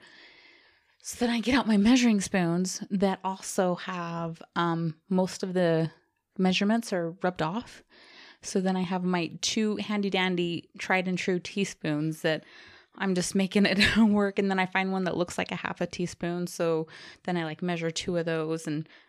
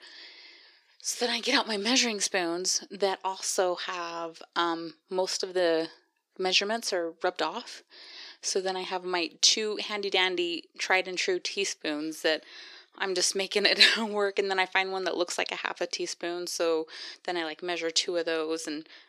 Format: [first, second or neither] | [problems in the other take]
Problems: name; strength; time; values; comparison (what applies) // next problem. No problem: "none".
first | thin; somewhat; fading below 350 Hz